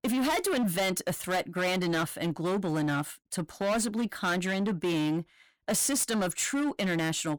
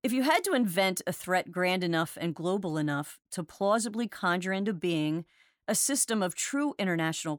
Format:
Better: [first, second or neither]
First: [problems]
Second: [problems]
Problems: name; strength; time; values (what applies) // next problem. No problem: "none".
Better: second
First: distortion; heavy; 21% of the sound clipped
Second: none